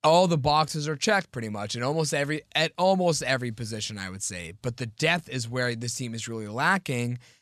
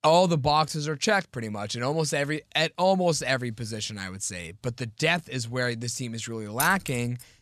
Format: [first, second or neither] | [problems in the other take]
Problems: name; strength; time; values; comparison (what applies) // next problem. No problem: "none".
first | jangling keys; noticeable; at 6.5 s; peak 5 dB below the speech